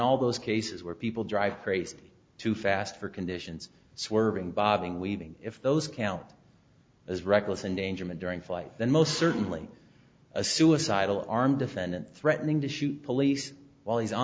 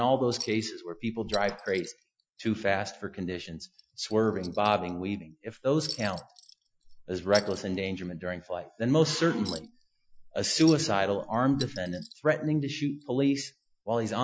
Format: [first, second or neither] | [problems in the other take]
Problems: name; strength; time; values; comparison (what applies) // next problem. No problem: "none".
first | noise reduction (classical method Wiener filter)